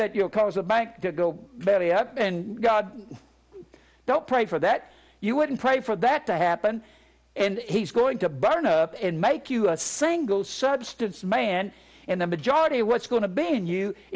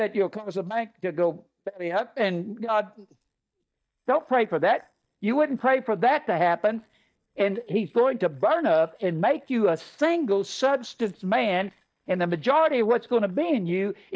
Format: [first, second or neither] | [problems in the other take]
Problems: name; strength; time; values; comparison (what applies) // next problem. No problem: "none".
first | noise reduction (neural mask model DeepFilterNet 3)